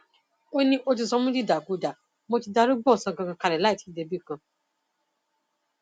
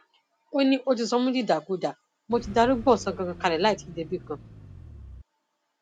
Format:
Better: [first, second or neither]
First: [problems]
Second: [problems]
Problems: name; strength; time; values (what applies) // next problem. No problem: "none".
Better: first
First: none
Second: background sound (Car); 16 dB below the speech